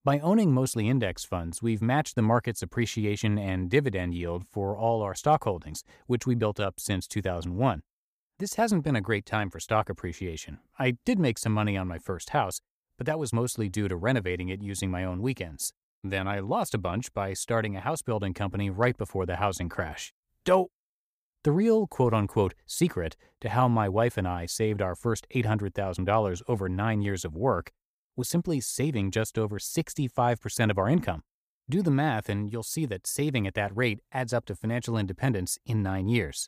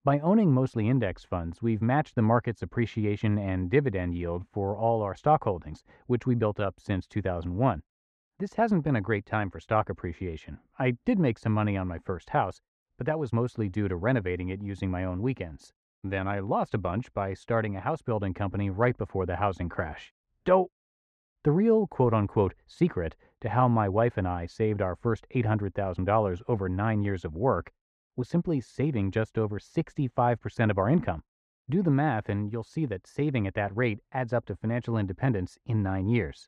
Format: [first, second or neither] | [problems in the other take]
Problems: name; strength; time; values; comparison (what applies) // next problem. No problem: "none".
first | muffled; very; fading above 2 kHz